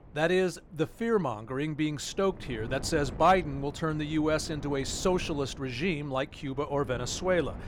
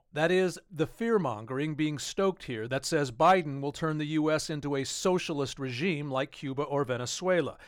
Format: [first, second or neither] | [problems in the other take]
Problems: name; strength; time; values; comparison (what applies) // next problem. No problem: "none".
second | wind noise on the microphone; occasional gusts; 20 dB below the speech